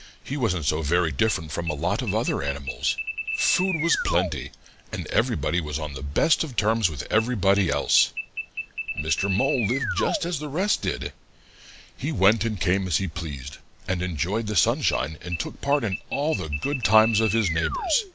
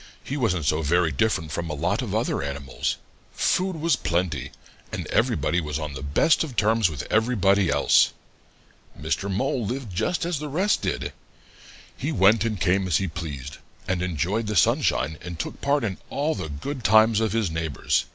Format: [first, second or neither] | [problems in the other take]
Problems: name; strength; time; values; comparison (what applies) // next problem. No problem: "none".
second | background sound (Alarm); 6 dB below the speech